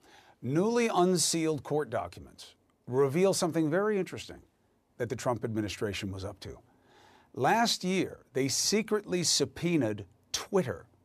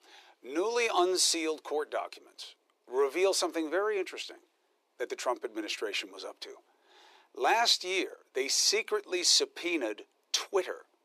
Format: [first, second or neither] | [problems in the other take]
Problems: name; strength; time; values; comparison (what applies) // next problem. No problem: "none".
first | thin; very; fading below 350 Hz